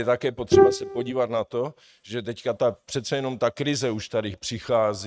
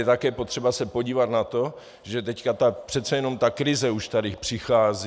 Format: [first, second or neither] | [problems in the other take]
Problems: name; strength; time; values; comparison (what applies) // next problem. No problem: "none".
second | noise reduction (neural mask model RNNoise)